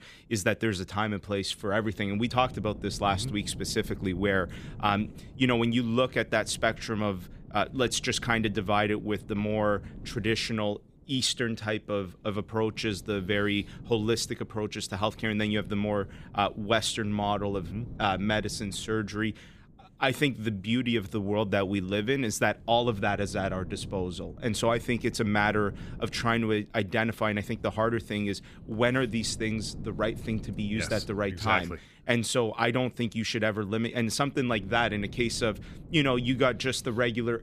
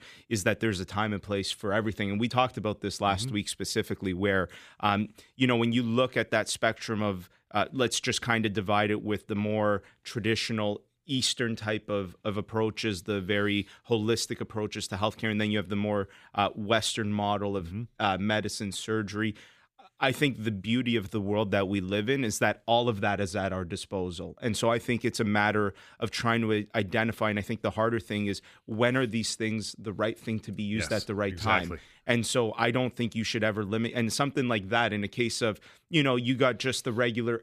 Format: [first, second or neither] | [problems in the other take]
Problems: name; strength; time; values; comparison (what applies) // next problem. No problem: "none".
second | wind noise on the microphone; occasional gusts; 25 dB below the speech